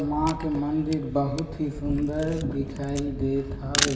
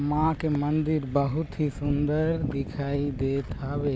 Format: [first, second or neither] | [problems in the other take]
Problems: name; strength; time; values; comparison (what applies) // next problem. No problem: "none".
second | background sound (Camera); 9 dB below the speech // room echo; dies away in 1.2 s